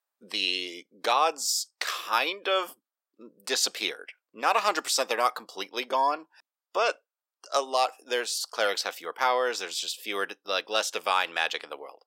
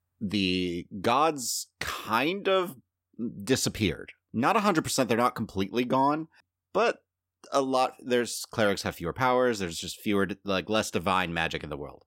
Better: second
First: thin; very; fading below 500 Hz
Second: none

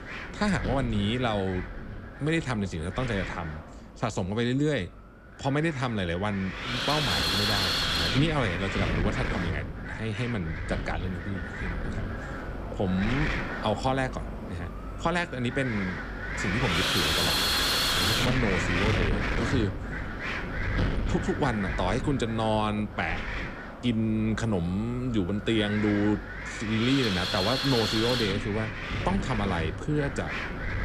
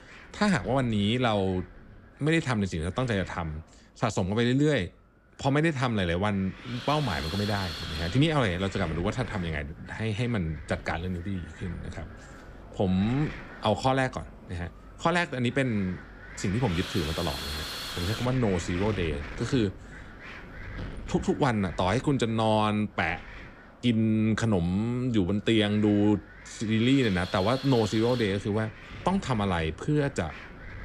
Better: second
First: wind noise on the microphone; heavy; 2 dB above the speech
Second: wind noise on the microphone; occasional gusts; 10 dB below the speech

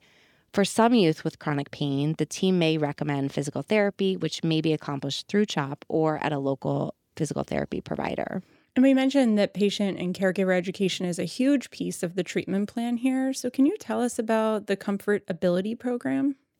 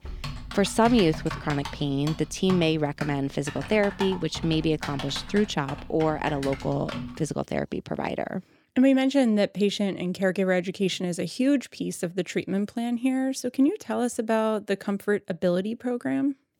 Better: first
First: none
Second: keyboard typing; noticeable; until 7.5 s; peak 8 dB below the speech

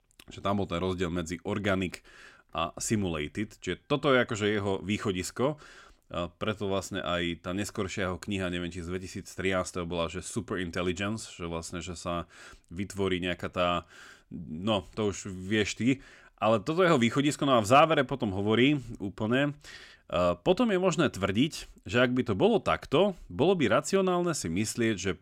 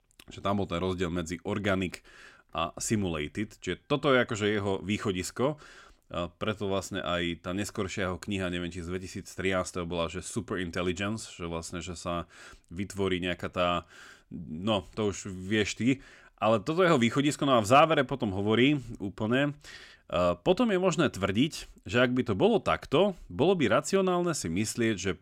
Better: neither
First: none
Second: none

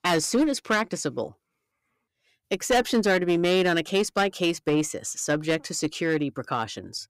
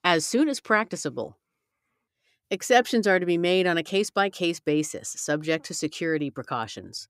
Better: second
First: distortion; slight; 8% of the sound clipped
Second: none

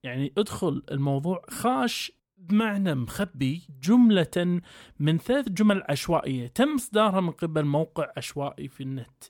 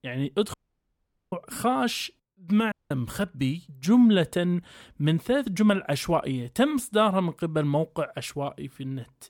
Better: first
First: none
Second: audio cutting out; at 0.5 s for 1 s and at 2.5 s

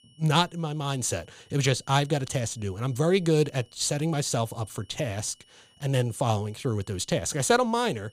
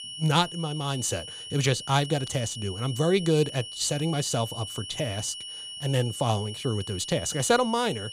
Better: first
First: high-pitched whine; faint; throughout; 3 kHz, 30 dB below the speech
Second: high-pitched whine; loud; throughout; 3 kHz, 10 dB below the speech

